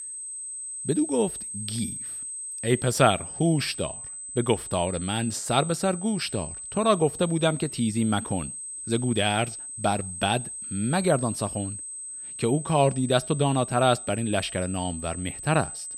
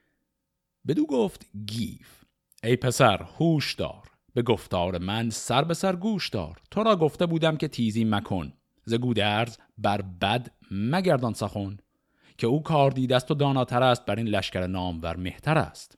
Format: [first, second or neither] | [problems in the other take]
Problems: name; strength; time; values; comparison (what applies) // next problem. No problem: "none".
second | high-pitched whine; loud; throughout; 8 kHz, 8 dB below the speech